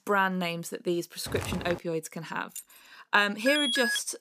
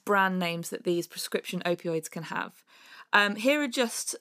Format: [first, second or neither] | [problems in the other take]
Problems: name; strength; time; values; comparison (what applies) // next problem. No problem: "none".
second | footsteps; noticeable; at 1.5 s; peak 6 dB below the speech // jangling keys; faint; at 2.5 s; peak 15 dB below the speech // alarm; loud; at 3.5 s; peak 3 dB above the speech